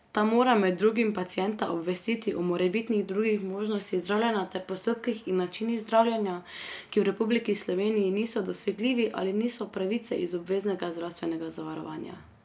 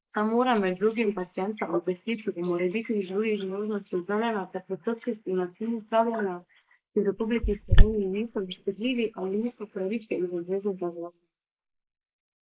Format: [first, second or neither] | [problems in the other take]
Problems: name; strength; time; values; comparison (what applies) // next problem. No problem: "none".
first | noise reduction (neural mask model Resemble Enhance denoiser)